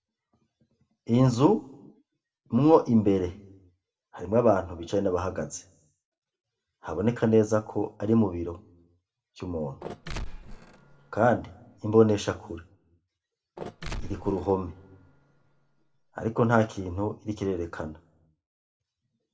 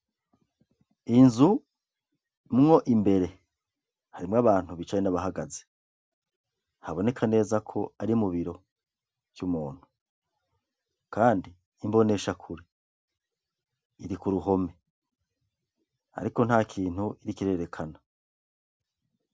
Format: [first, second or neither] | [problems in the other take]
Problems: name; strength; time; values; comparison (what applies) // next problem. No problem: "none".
second | background sound (Mechanisms); 13 dB below the speech // room echo; dies away in 0.5 s